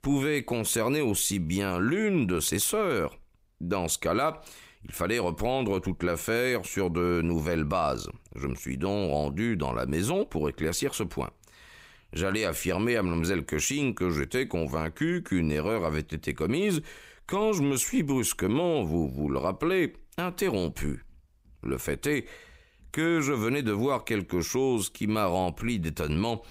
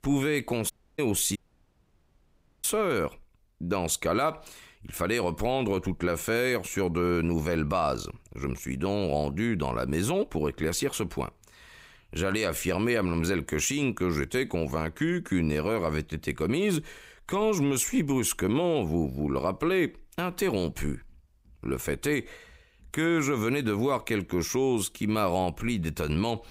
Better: first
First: none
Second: audio cutting out; at 0.5 s and at 1.5 s for 1.5 s

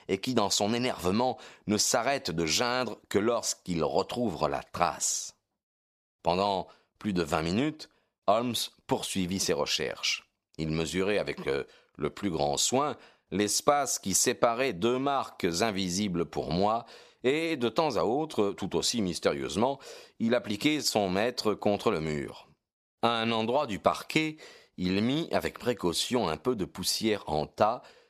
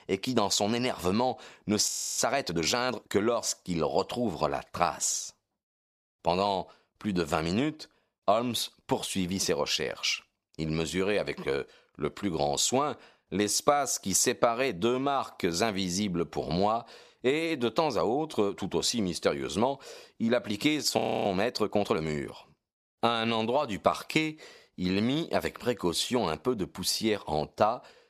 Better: first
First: none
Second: audio freezing; at 2 s and at 21 s

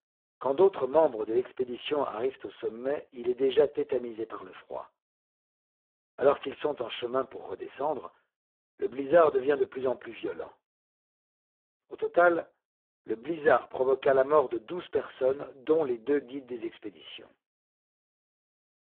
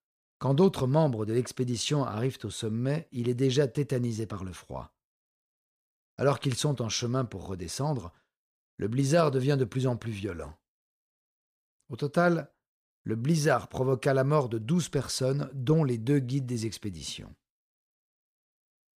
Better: second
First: phone-call audio; poor line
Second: none

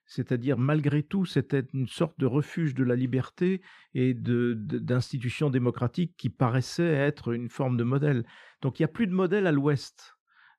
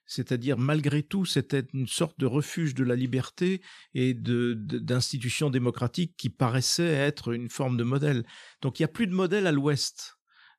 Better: second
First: muffled; slightly; fading above 3.5 kHz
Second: none

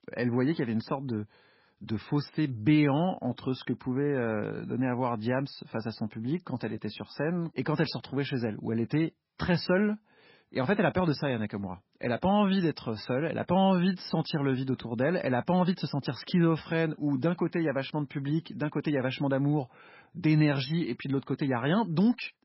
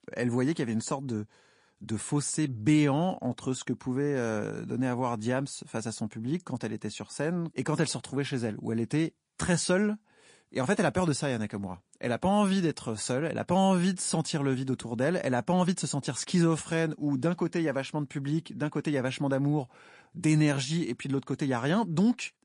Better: second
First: garbled, watery; badly; nothing above 5.5 kHz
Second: garbled, watery; slightly; nothing above 10.5 kHz

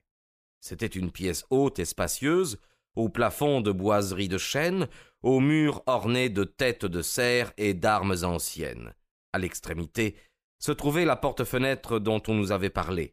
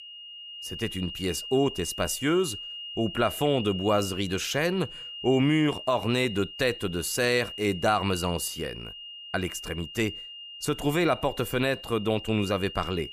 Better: first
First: none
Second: high-pitched whine; noticeable; throughout; 3 kHz, 10 dB below the speech

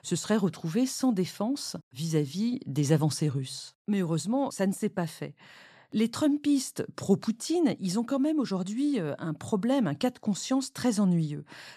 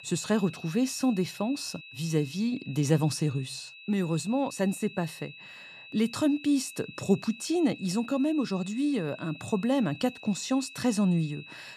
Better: first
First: none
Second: high-pitched whine; noticeable; throughout; 2.5 kHz, 15 dB below the speech

